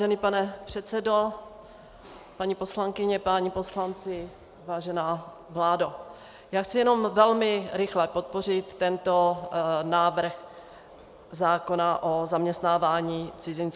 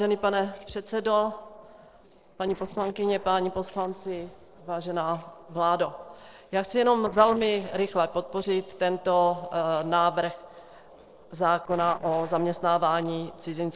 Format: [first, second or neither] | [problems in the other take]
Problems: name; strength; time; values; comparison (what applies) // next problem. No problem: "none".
first | noise reduction (neural separator model SepFormer DNS4)